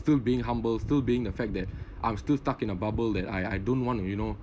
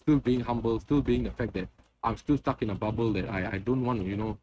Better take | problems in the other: first | noise reduction (neural mask model RNNoise)

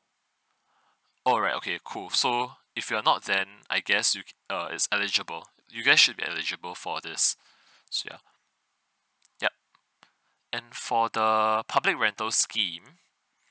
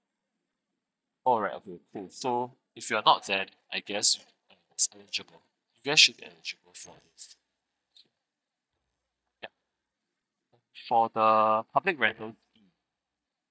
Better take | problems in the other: first | noise reduction (neural mask model DeepFilterNet 3)

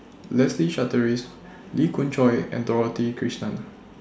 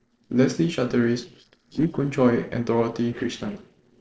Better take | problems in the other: first | noise reduction (neural separator model SepFormer DNS4)

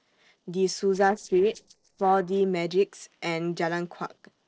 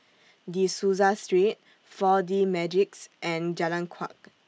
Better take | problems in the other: second | noise reduction (neural separator model SepFormer DNS4)

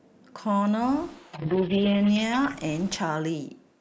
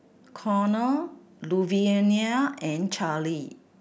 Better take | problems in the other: second | noise reduction (neural mask model Resemble Enhance denoiser)

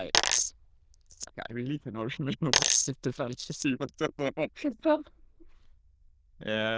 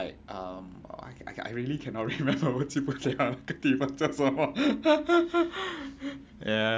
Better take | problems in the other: second | noise reduction (neural diffusion model UNIVERSE++)

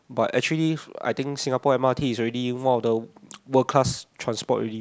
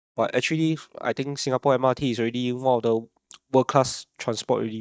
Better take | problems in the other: first | noise reduction (neural mask model DeepFilterNet 3)

